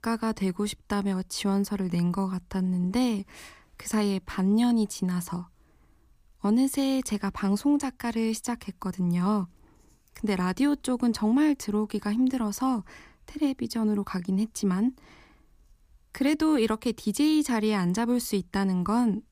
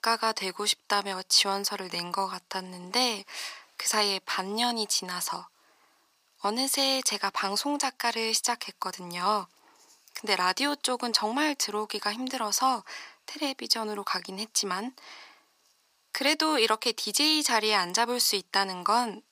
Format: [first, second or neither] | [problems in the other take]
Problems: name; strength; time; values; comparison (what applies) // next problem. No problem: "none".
first | thin; very; fading below 750 Hz